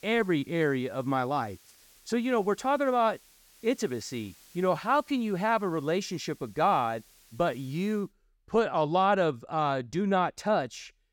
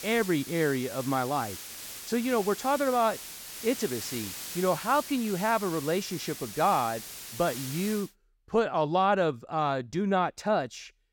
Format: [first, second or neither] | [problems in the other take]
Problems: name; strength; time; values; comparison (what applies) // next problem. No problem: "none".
first | hiss; loud; until 8 s; 10 dB below the speech; faint in the first